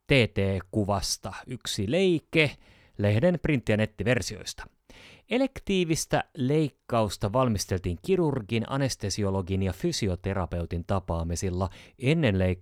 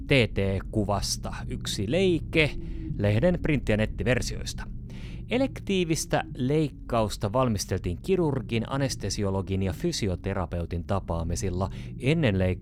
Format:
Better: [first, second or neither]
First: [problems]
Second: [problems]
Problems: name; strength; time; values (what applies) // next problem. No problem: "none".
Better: first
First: none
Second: low rumble; faint; throughout; 20 dB below the speech